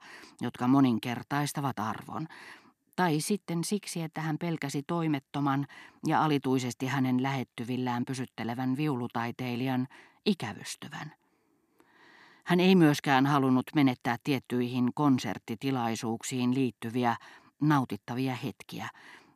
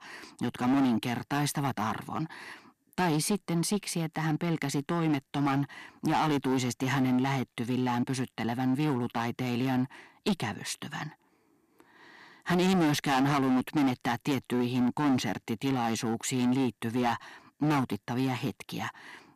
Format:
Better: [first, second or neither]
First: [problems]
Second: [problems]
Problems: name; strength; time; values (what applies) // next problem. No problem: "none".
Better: first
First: none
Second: distortion; heavy; 11% of the sound clipped